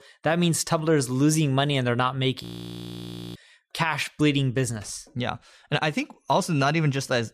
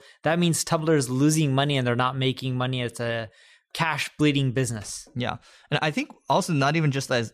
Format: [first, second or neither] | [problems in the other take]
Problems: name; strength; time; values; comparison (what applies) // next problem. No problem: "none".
second | audio freezing; at 2.5 s for 1 s